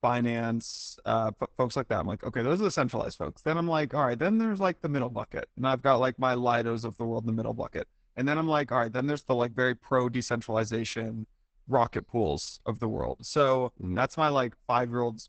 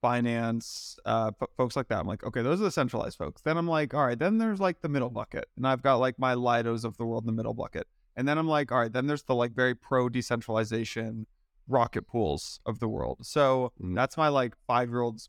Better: second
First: garbled, watery; badly; nothing above 8 kHz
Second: none

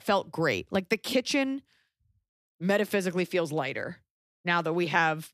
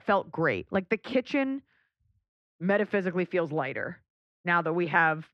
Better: first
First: none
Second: muffled; very; fading above 2 kHz

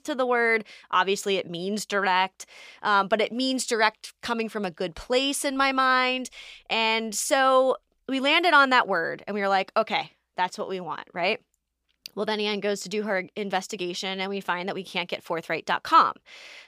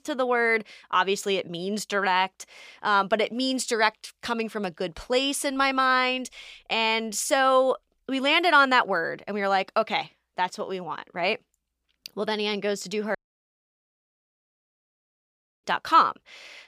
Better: first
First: none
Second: audio cutting out; at 13 s for 2.5 s

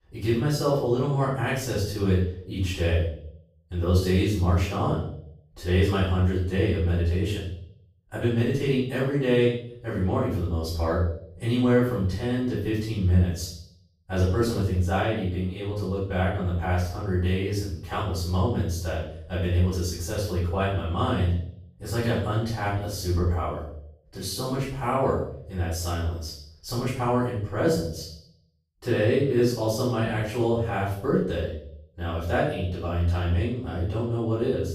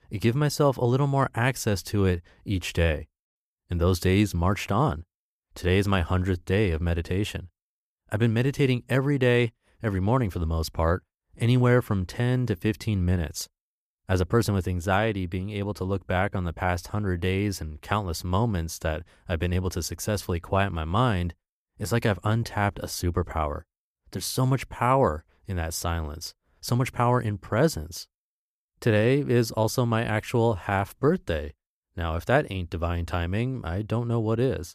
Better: second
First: off-mic speech; far // room echo; noticeable; dies away in 0.6 s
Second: none

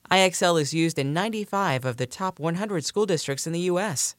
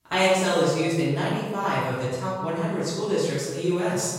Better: first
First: none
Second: room echo; strong; dies away in 1.2 s // off-mic speech; far

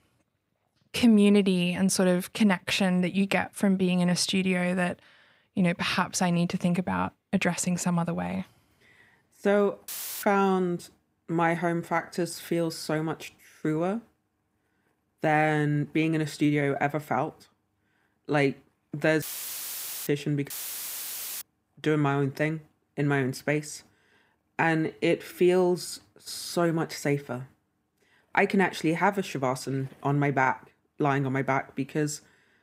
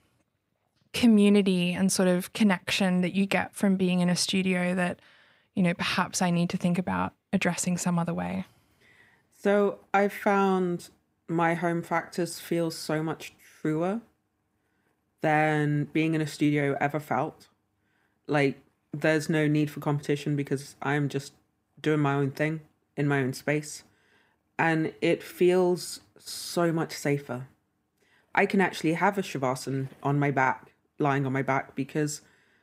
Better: second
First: audio cutting out; filled with static; at 10 s, at 19 s for 1 s and at 21 s for 1 s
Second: none

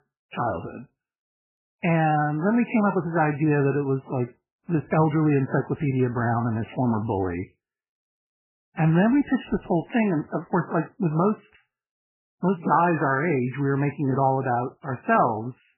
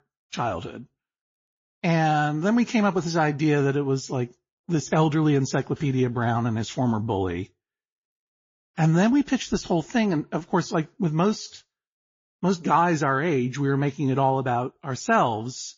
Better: second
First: garbled, watery; badly; nothing above 3 kHz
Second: garbled, watery; slightly; nothing above 7 kHz

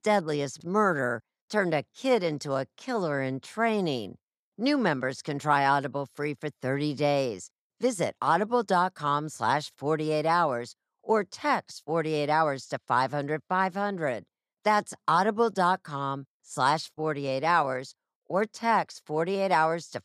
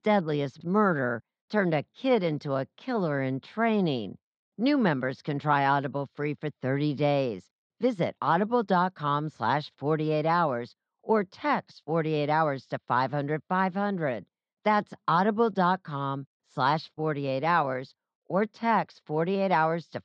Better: first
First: none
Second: muffled; very slightly; fading above 4 kHz

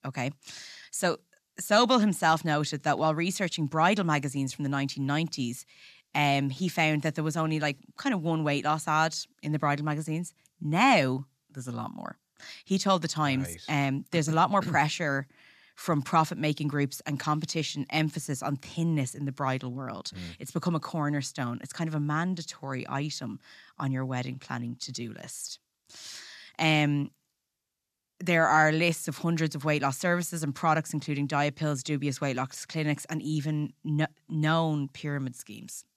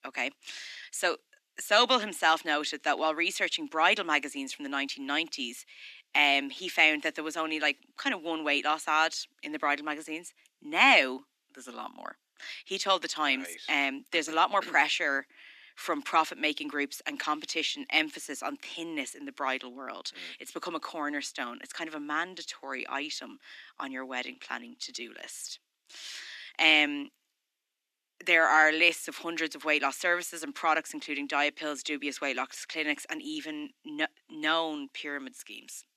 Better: first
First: none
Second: thin; somewhat; fading below 300 Hz

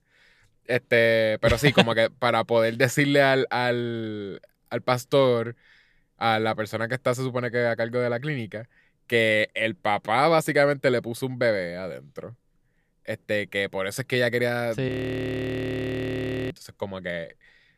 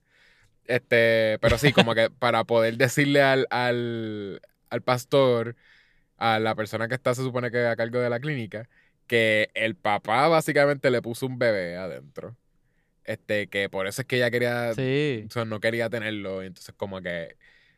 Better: second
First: audio freezing; at 15 s for 1.5 s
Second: none

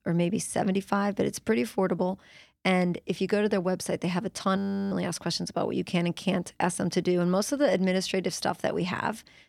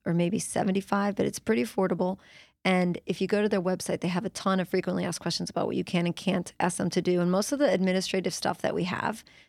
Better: second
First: audio freezing; at 4.5 s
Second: none

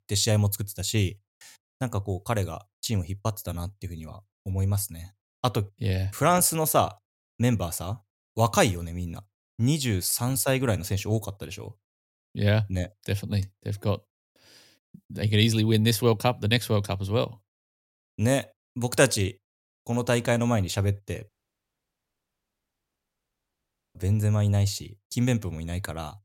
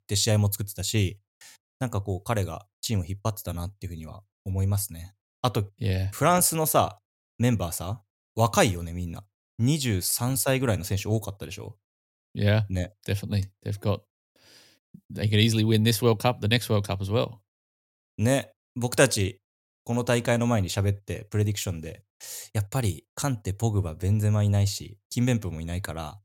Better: second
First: audio cutting out; at 21 s for 2.5 s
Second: none

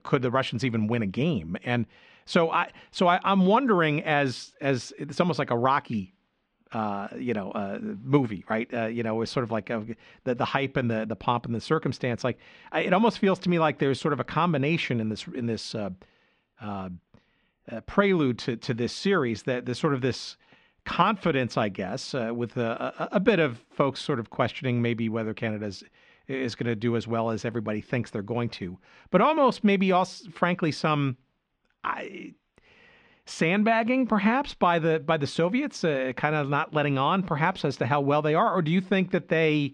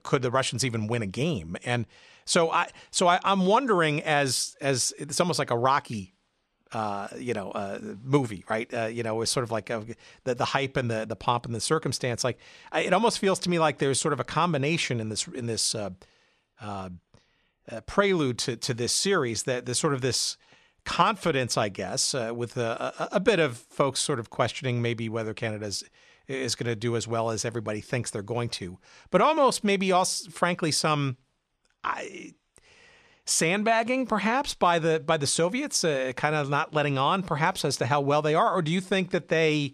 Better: second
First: muffled; slightly; fading above 3 kHz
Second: none

